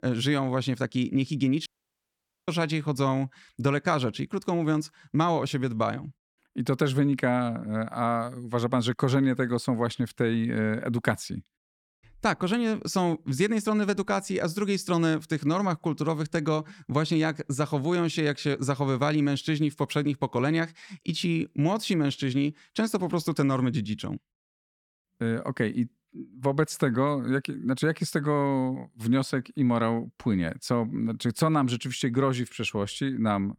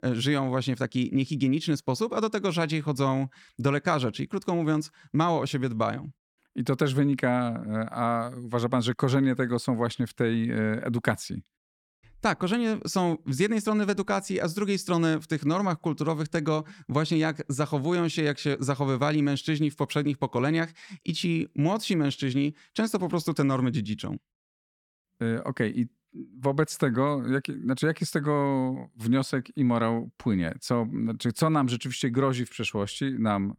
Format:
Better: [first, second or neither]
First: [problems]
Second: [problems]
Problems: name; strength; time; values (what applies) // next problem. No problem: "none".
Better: second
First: audio cutting out; at 1.5 s for 1 s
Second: none